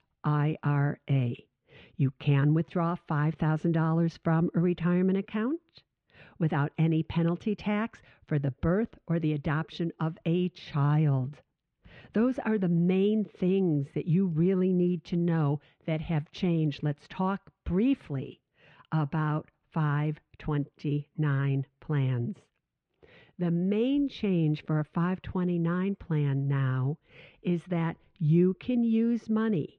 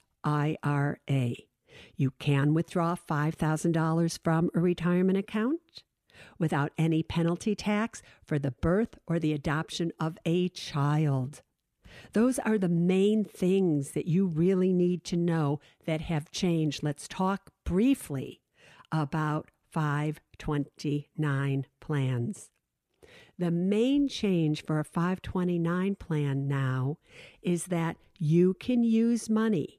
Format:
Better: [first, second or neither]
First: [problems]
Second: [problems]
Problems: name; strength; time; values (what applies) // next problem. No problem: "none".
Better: second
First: muffled; slightly; fading above 3.5 kHz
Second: none